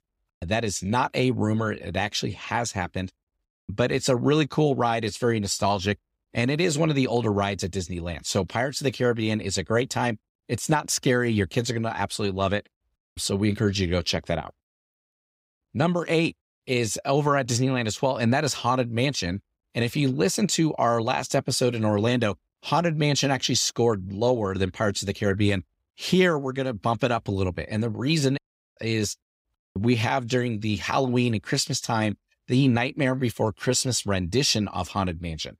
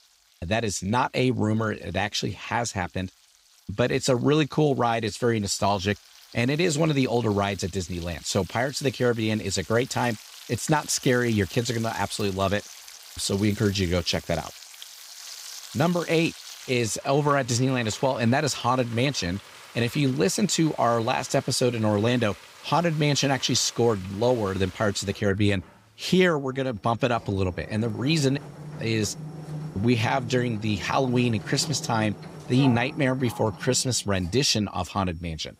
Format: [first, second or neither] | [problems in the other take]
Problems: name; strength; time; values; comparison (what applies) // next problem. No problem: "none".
first | household noises; noticeable; throughout; 15 dB below the speech